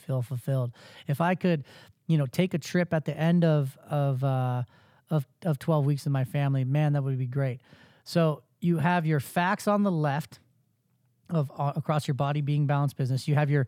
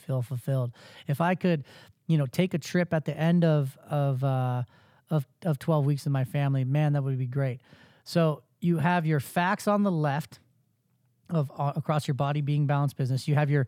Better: neither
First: none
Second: none

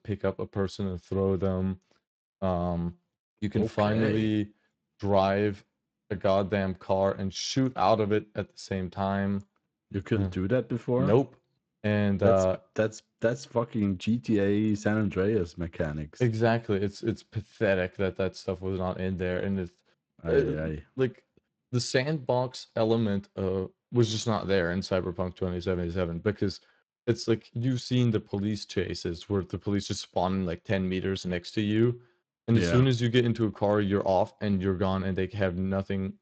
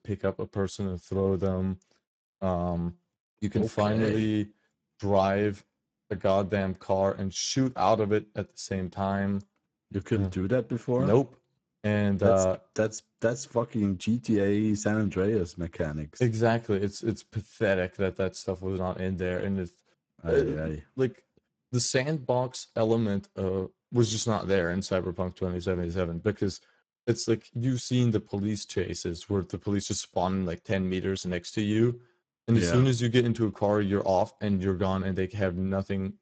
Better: first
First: garbled, watery; slightly; nothing above 7.5 kHz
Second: garbled, watery; badly; nothing above 7.5 kHz

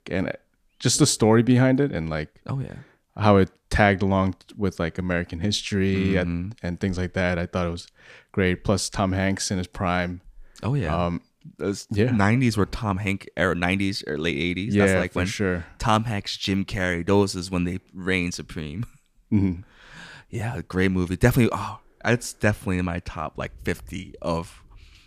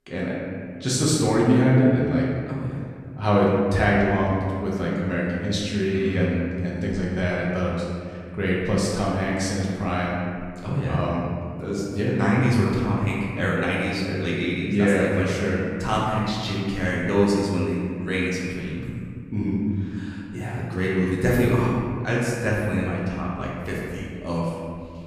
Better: first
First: none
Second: room echo; strong; dies away in 2 s // off-mic speech; far

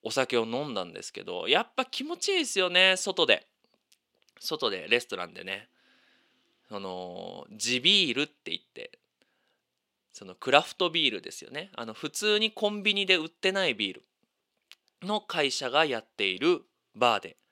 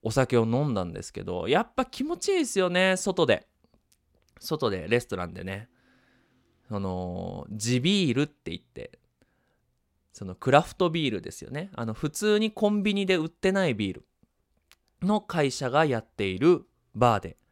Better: second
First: thin; somewhat; fading below 300 Hz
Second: none

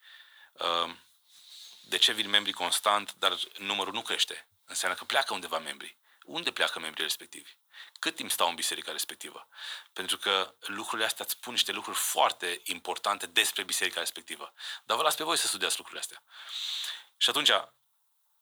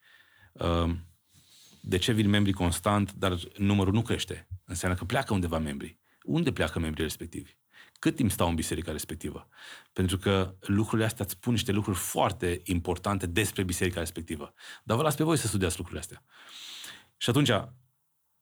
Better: second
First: thin; very; fading below 850 Hz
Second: none

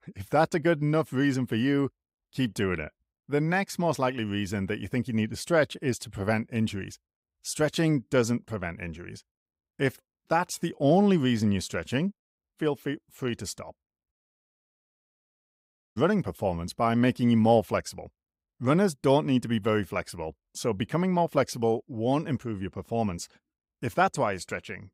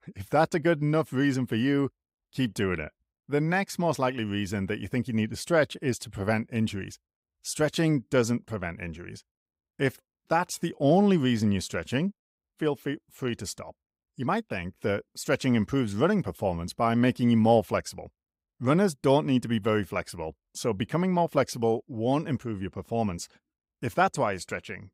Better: second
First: audio cutting out; at 14 s for 2 s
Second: none

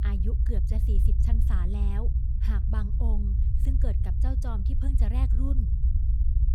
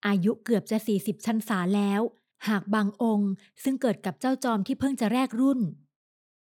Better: second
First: low rumble; loud; throughout; 2 dB below the speech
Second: none

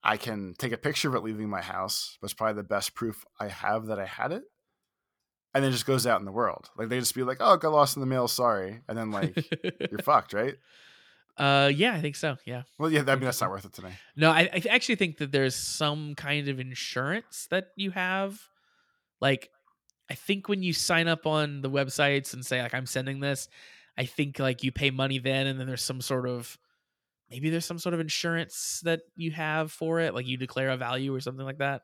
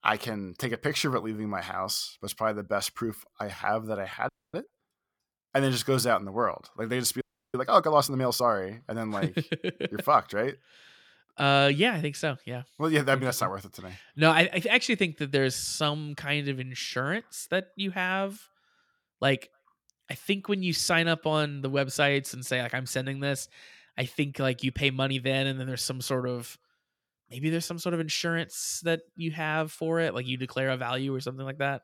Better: first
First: none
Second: audio freezing; at 4.5 s and at 7 s

